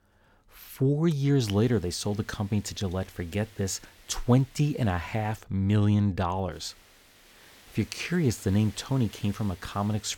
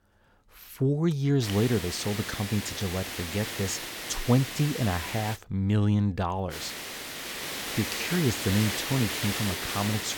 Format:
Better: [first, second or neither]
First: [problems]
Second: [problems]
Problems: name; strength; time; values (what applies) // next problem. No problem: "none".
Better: first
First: hiss; faint; from 1.5 to 5.5 s and from 6.5 s on; 25 dB below the speech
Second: hiss; loud; from 1.5 to 5.5 s and from 6.5 s on; 5 dB below the speech